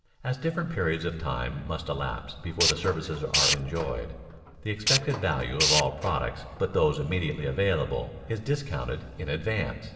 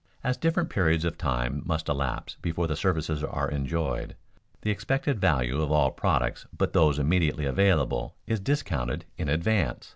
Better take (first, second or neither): second